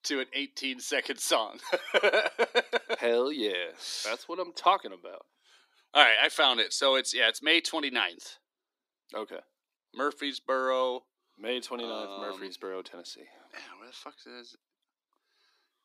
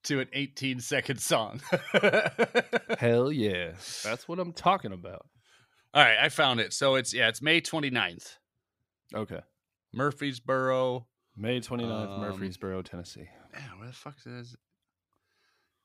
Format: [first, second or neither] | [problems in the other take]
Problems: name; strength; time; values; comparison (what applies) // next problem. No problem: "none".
second | thin; somewhat; fading below 300 Hz